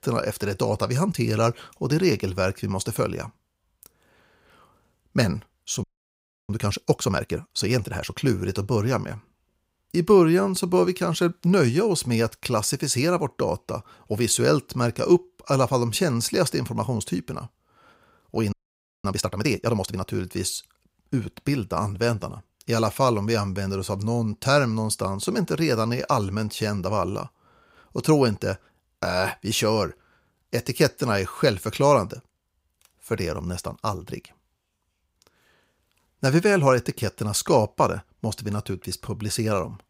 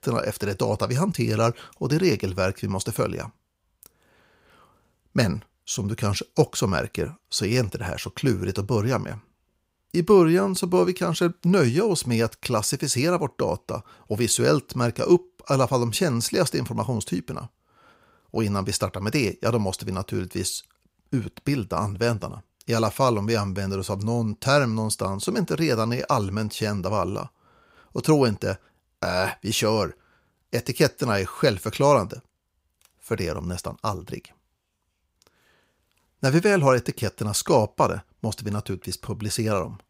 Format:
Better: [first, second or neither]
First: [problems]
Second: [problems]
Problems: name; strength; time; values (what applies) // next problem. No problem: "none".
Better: second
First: audio freezing; at 6 s for 0.5 s and at 19 s for 0.5 s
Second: none